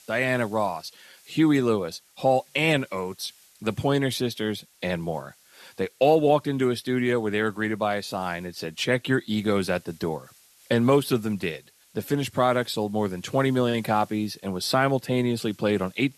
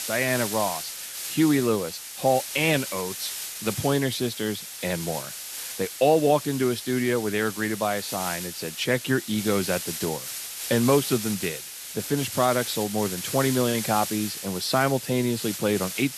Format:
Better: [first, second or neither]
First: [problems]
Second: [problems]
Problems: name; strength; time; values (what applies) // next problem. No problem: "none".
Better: first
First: hiss; faint; throughout; 30 dB below the speech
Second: hiss; loud; throughout; 7 dB below the speech